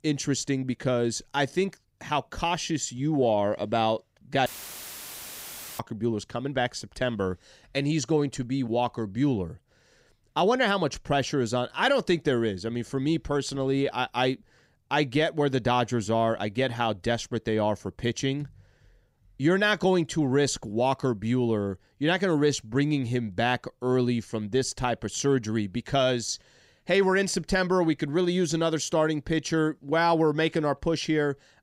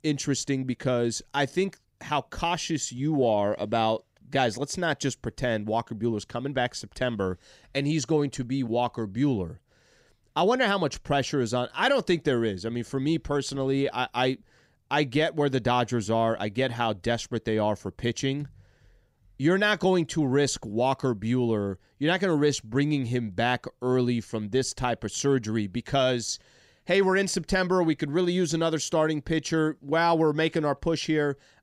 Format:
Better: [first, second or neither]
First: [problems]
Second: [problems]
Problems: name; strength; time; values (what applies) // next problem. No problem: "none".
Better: second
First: audio cutting out; filled with static; at 4.5 s for 1.5 s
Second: none